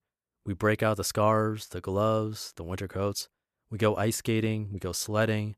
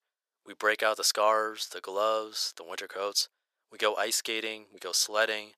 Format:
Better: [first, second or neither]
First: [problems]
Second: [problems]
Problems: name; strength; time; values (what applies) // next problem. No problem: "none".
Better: first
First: none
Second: thin; very; fading below 500 Hz